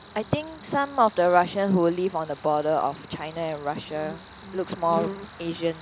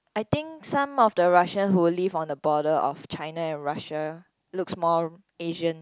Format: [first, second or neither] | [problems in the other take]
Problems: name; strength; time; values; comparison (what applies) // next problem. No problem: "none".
second | background sound (Cricket); 15 dB below the speech